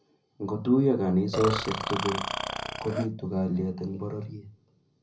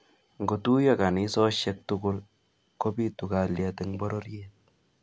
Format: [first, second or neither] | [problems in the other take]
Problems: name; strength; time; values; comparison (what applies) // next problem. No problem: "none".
second | background sound (Burping, eructation); 4 dB below the speech // room echo; dies away in 0.4 s